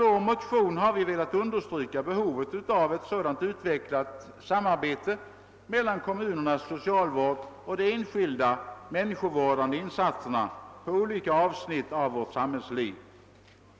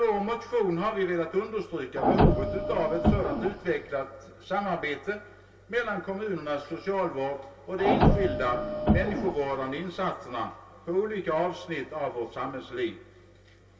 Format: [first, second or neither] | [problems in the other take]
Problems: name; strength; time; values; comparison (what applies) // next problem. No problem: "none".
first | background sound (Printer); 4 dB above the speech // room echo; dies away in 0.2 s